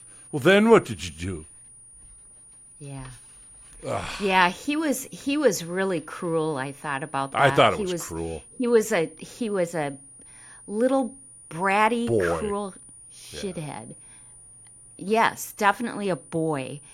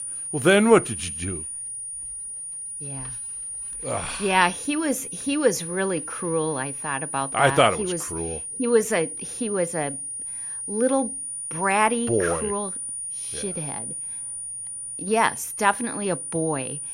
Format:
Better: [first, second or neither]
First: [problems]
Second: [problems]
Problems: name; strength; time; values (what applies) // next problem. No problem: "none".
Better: first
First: high-pitched whine; faint; throughout; 9.5 kHz, 20 dB below the speech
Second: high-pitched whine; loud; throughout; 9.5 kHz, 6 dB below the speech